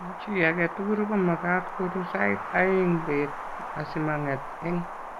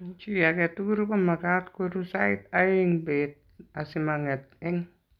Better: second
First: background sound (Wind); 8 dB below the speech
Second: none

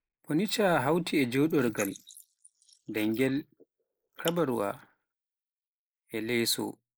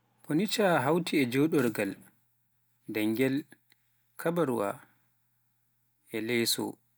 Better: second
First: noise reduction (neural mask model Resemble Enhance denoiser)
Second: none

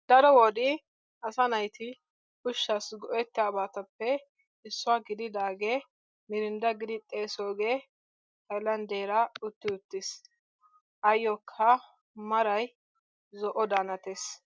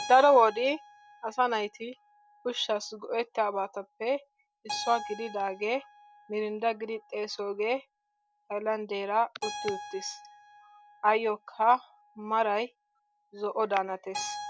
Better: first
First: none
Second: background sound (Keyboard (musical)); 15 dB below the speech

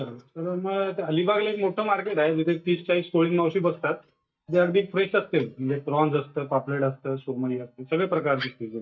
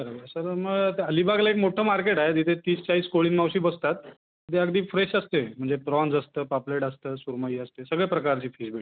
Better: second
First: noise reduction (neural mask model DeepFilterNet 3)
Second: none

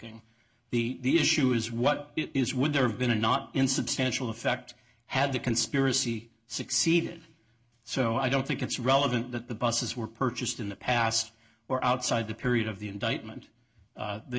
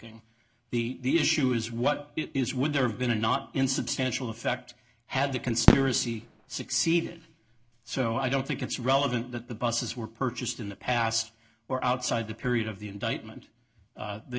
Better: first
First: none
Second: background sound (Fireworks); as loud as the speech

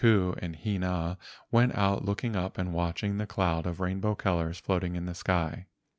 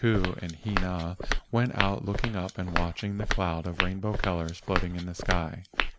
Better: first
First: none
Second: background sound (Walk, footsteps); 1 dB below the speech

